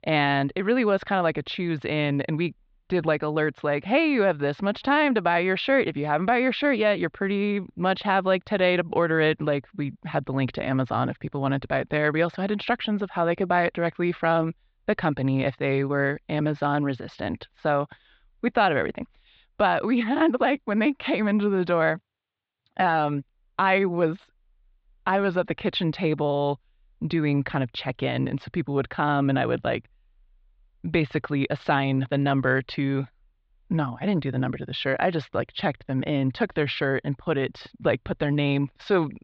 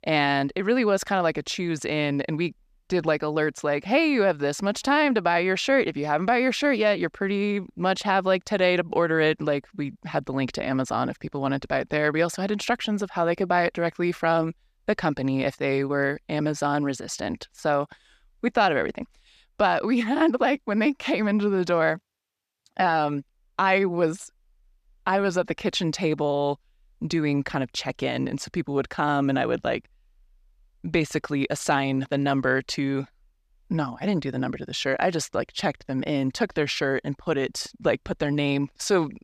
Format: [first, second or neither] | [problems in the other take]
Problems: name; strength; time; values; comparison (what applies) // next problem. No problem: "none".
second | muffled; slightly; fading above 3.5 kHz